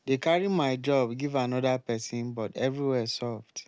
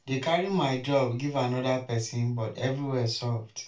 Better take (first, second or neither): first